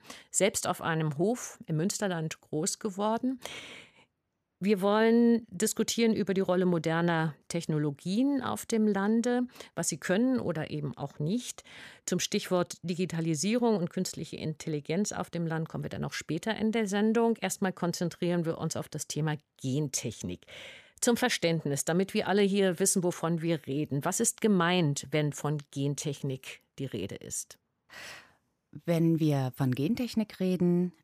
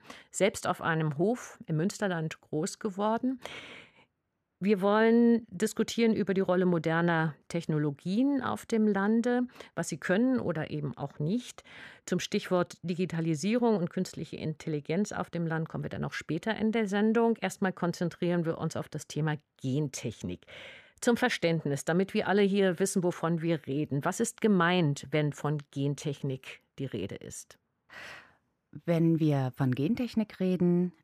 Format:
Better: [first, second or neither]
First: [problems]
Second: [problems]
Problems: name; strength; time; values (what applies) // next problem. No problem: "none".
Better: first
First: none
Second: muffled; slightly; fading above 4 kHz